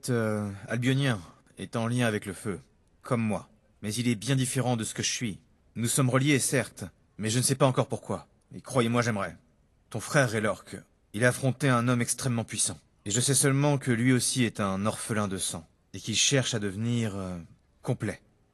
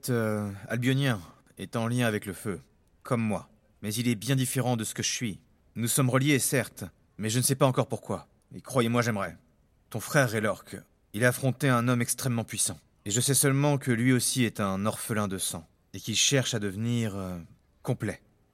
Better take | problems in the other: second | garbled, watery; slightly; nothing above 11.5 kHz

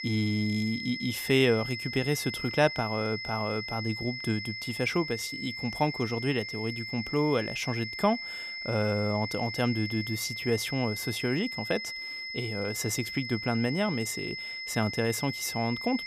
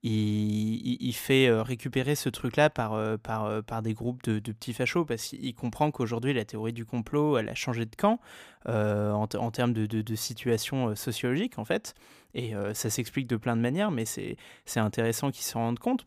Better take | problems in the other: second | high-pitched whine; loud; throughout; 2 kHz, 5 dB below the speech

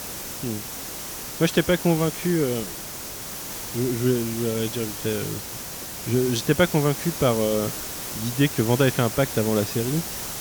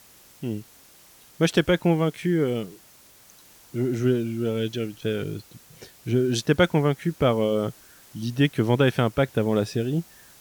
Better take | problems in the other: second | hiss; loud; throughout; 7 dB below the speech; faint in the second

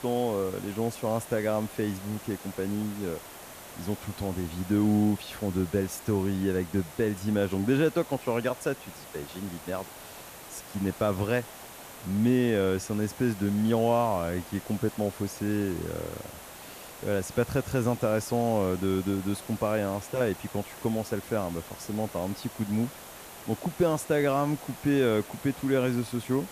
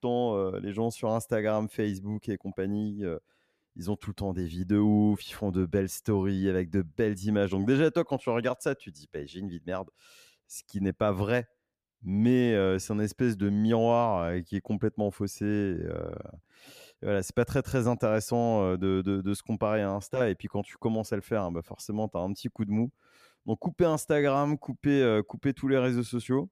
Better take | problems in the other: second | hiss; noticeable; throughout; 15 dB below the speech

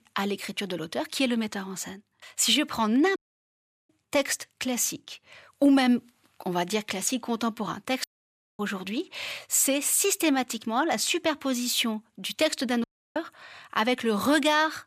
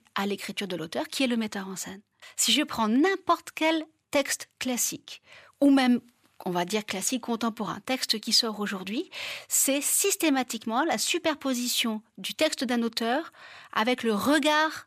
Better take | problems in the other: second | audio cutting out; at 3 s for 0.5 s, at 8 s for 0.5 s and at 13 s

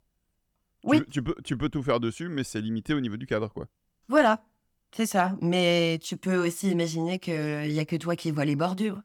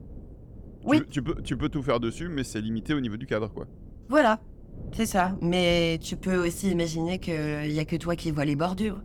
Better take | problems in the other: first | wind noise on the microphone; occasional gusts; 25 dB below the speech

